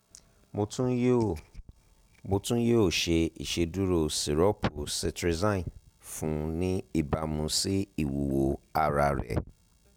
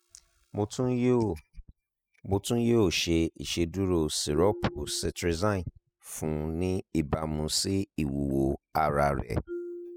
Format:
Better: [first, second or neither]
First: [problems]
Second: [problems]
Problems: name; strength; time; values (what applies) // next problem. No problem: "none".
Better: first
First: none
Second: noise reduction (classical method spectral subtraction)